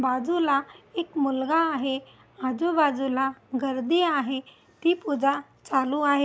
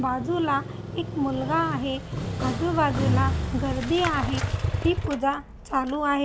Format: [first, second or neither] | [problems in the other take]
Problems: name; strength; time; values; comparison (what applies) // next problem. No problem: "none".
first | background sound (Motorcycle); 2 dB below the speech